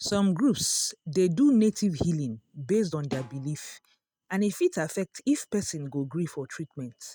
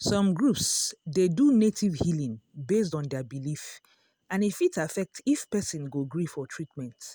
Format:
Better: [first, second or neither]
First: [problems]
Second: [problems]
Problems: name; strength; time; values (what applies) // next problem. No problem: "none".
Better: second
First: noise reduction (neural mask model RNNoise)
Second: none